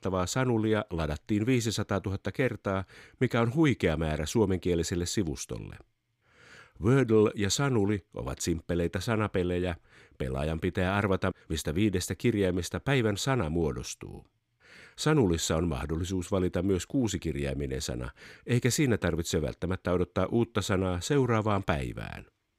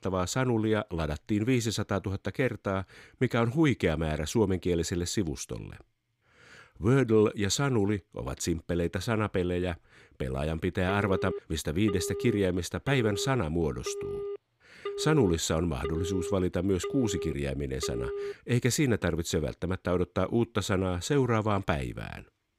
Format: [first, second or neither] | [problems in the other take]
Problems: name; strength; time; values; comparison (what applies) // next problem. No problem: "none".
first | phone ringing; noticeable; from 11 to 18 s; peak 6 dB below the speech